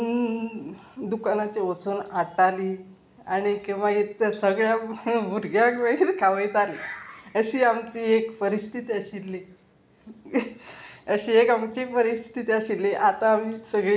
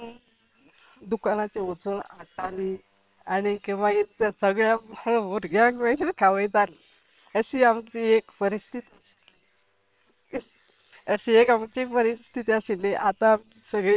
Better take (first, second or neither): first